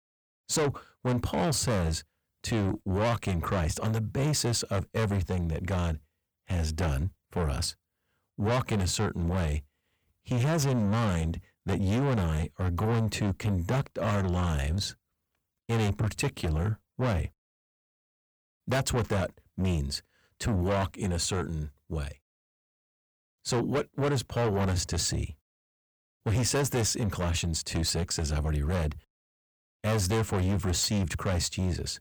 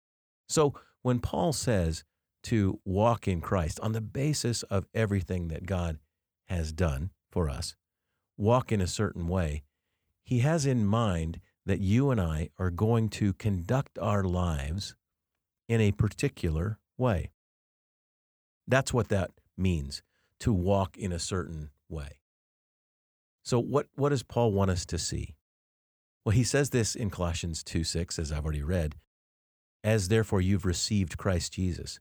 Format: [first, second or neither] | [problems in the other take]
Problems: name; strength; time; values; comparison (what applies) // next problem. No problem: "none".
second | distortion; heavy; 6 dB below the speech